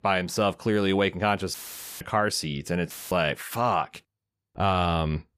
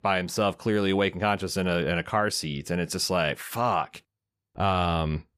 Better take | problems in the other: second | audio cutting out; filled with static; at 1.5 s and at 3 s

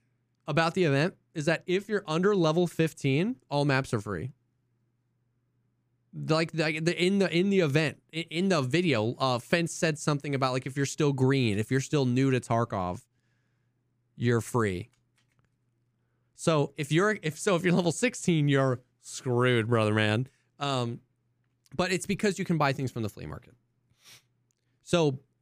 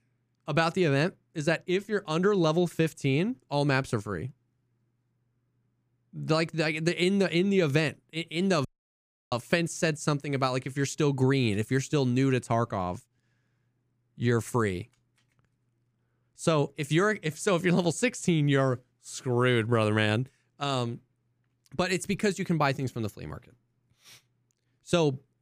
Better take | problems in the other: first | audio cutting out; at 8.5 s for 0.5 s

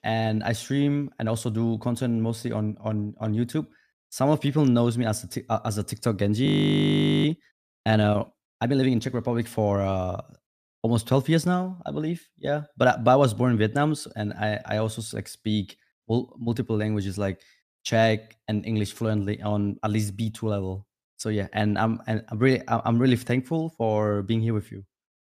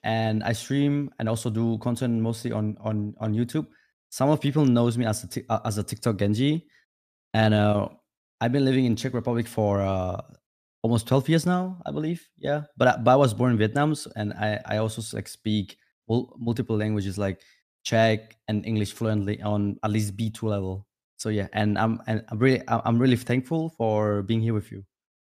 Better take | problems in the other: second | audio freezing; at 6.5 s for 1 s

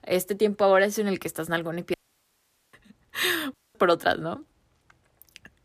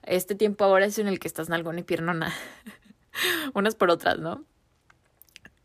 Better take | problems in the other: second | audio cutting out; at 2 s for 1 s and at 3.5 s

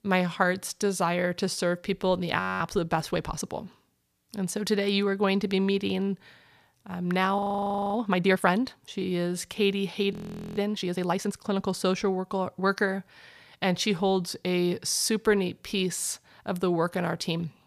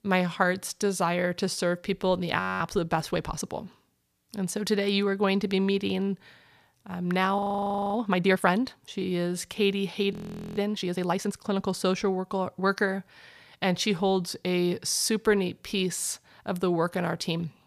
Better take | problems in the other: neither | audio freezing; at 2.5 s, at 7.5 s for 0.5 s and at 10 s; the same in both

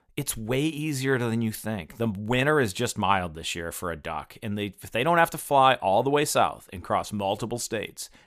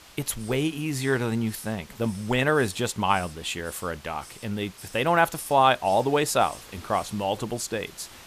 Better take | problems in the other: first | hiss; noticeable; throughout; 20 dB below the speech

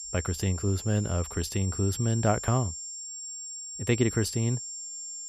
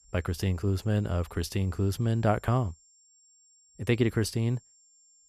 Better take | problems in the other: second | high-pitched whine; loud; throughout; 7.5 kHz, 8 dB below the speech; faint in the second

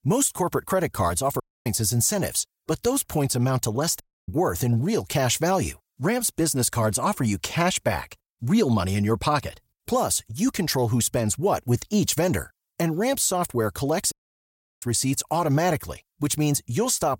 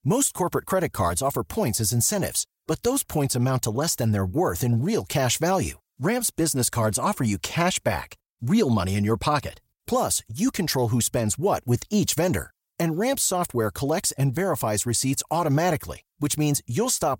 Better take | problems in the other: second | audio cutting out; at 1.5 s, at 4 s and at 14 s for 0.5 s

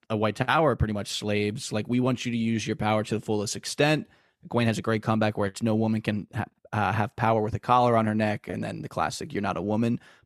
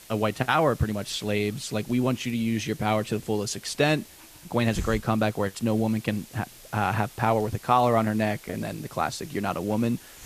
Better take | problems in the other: first | hiss; noticeable; throughout; 20 dB below the speech

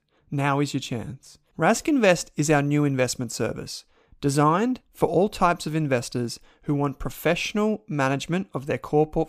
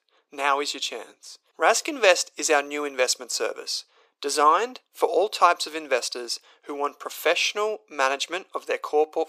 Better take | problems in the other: first | thin; very; fading below 400 Hz

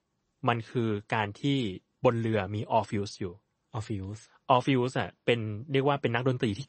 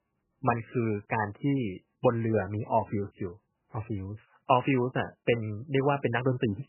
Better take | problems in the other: first | garbled, watery; badly; nothing above 3 kHz; slightly in the first

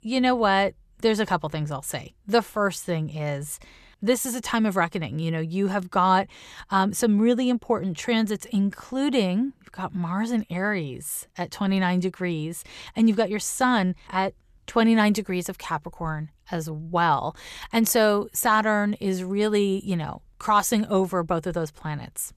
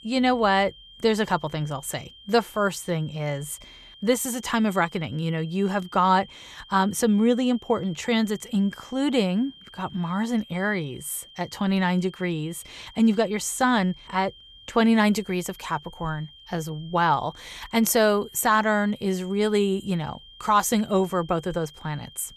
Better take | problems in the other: first | high-pitched whine; faint; throughout; 3 kHz, 20 dB below the speech

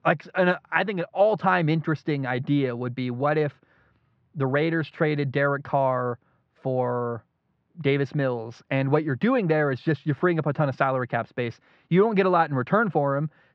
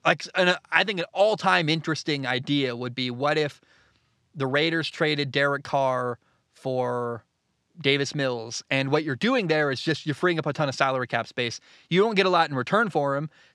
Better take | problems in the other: second | muffled; very; fading above 1.5 kHz

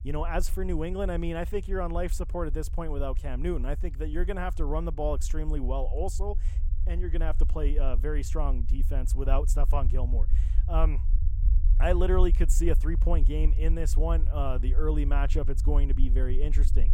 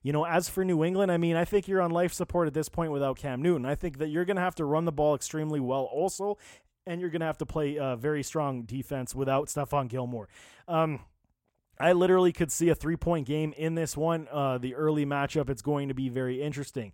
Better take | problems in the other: second | low rumble; noticeable; throughout; 15 dB below the speech

